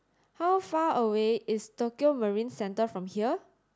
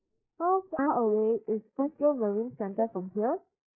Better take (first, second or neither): first